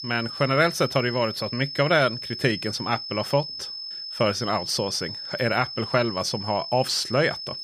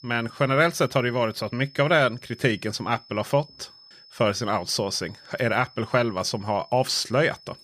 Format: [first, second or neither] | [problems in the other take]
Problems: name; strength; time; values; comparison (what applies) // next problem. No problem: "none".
second | high-pitched whine; loud; throughout; 5 kHz, 8 dB below the speech; faint in the second